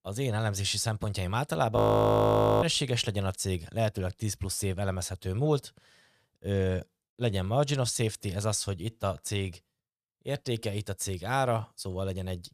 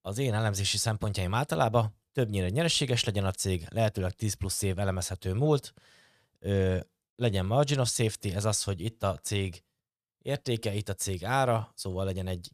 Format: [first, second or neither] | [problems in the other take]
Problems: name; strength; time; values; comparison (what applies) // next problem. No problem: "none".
second | audio freezing; at 2 s for 1 s